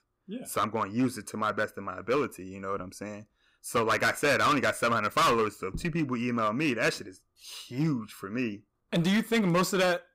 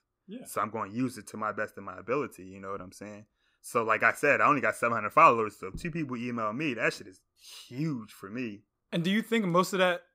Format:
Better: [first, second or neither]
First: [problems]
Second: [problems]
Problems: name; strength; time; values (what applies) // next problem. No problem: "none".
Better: second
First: distortion; heavy; 8% of the sound clipped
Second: none